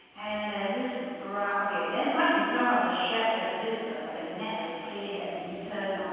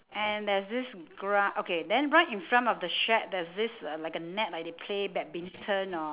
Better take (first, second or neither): second